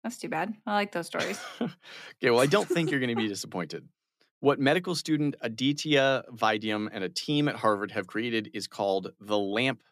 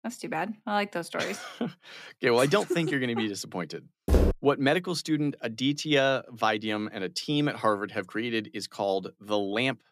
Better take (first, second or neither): first